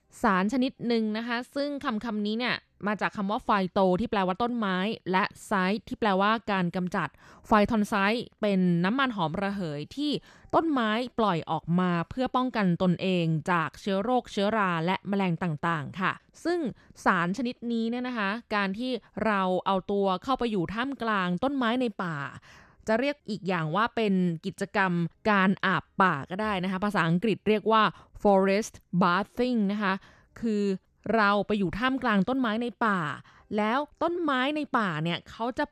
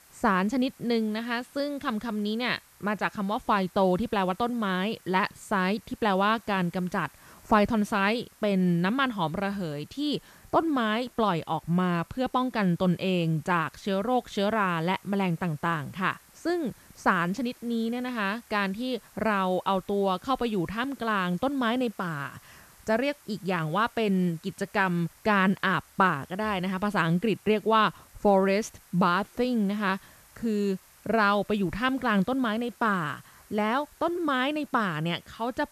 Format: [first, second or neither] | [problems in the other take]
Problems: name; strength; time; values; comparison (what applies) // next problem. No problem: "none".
first | hiss; faint; throughout; 25 dB below the speech